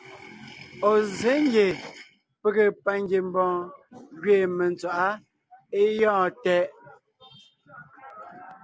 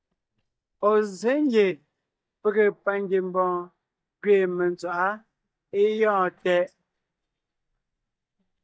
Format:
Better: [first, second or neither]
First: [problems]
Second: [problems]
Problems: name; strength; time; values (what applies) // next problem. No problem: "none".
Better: first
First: none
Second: noise reduction (neural mask model DeepFilterNet 3)